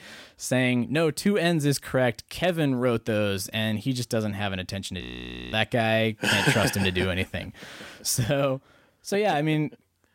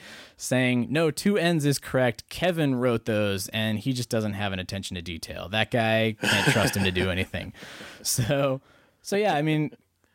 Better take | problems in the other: second | audio freezing; at 5 s for 0.5 s

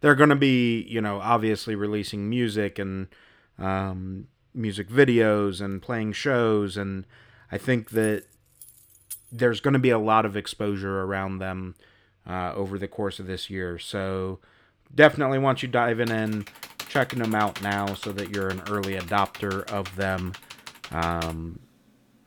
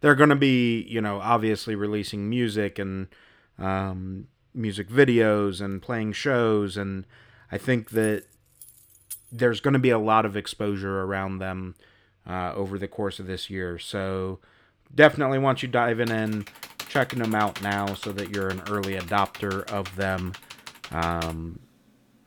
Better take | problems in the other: neither | jangling keys; faint; from 8 to 9.5 s; peak 15 dB below the speech; the same in both // keyboard typing; faint; from 16 to 21 s; peak 10 dB below the speech; the same in both

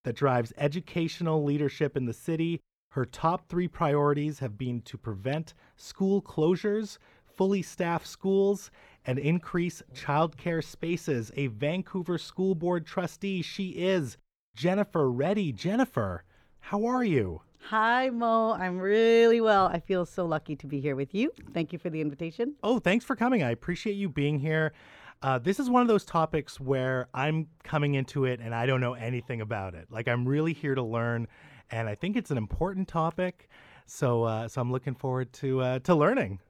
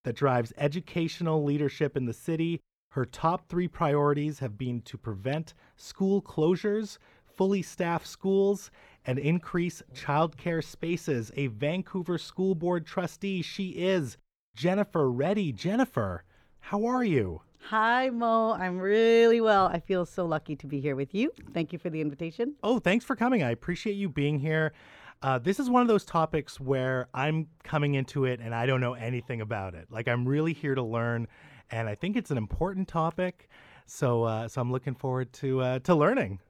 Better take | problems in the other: neither | muffled; slightly; fading above 1.5 kHz; the same in both

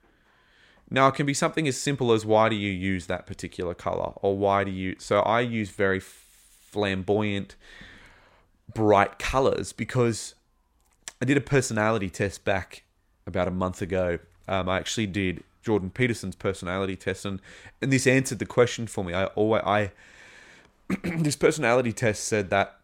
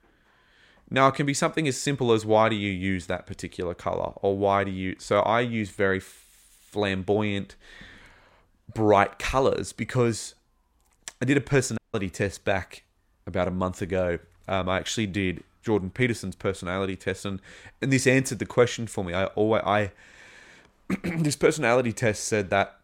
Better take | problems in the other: first | audio cutting out; at 12 s

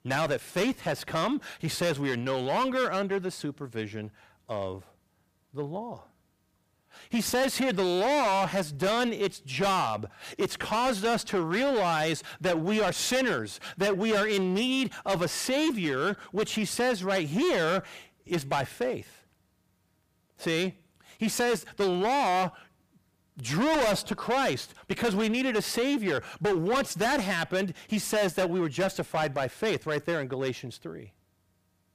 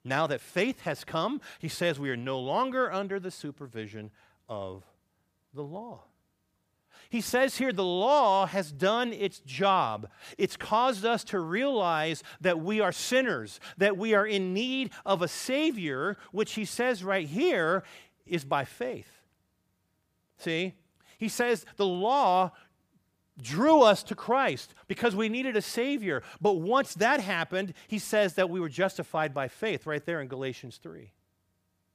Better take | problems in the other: second | distortion; heavy; 14% of the sound clipped

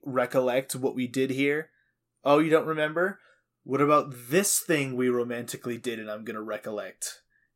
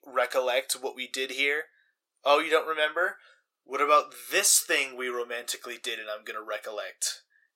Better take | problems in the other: first | thin; very; fading below 500 Hz

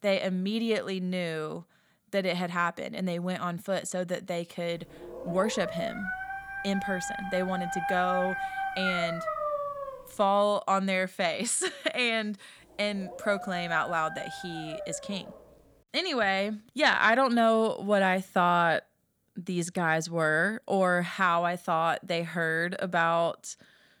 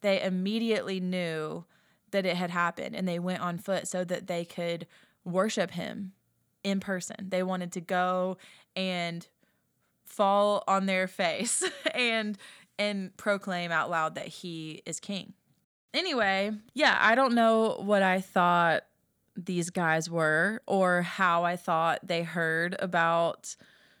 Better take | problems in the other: second | dog barking; noticeable; from 5 to 10 s; peak 2 dB below the speech // dog barking; faint; from 13 to 16 s; peak 10 dB below the speech

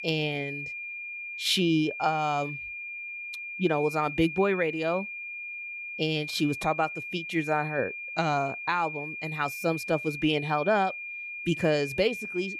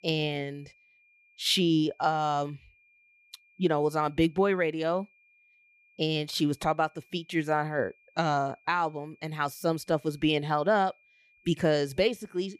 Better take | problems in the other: second | high-pitched whine; loud; throughout; 2.5 kHz, 7 dB below the speech; faint in the second

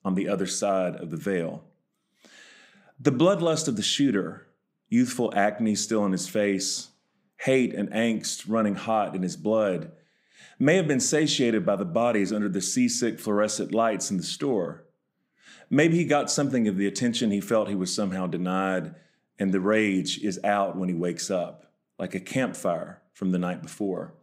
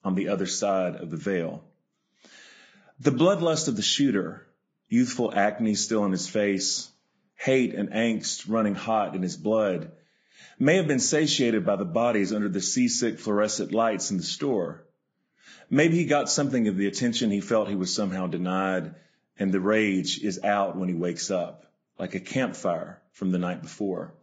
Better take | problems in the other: first | garbled, watery; badly; nothing above 7.5 kHz

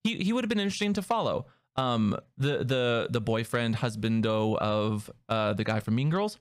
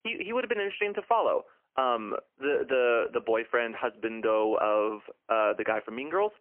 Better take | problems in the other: first | phone-call audio; poor line; nothing above 3 kHz

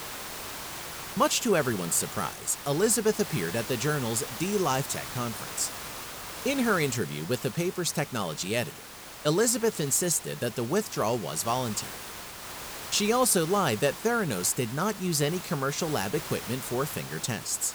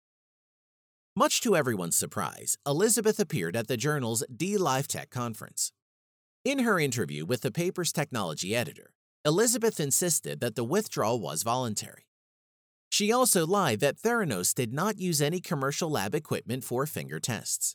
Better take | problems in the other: second | hiss; noticeable; throughout; 10 dB below the speech

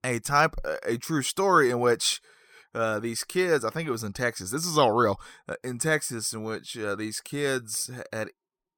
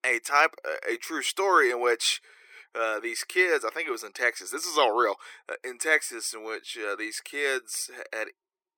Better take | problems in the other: first | thin; very; fading below 350 Hz

